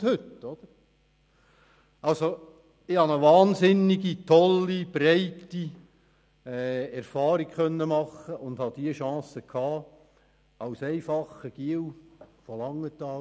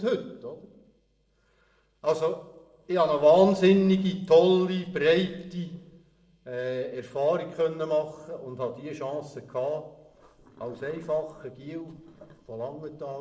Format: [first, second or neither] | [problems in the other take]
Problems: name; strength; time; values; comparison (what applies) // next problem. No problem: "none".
first | noise reduction (neural separator model SepFormer DNS4)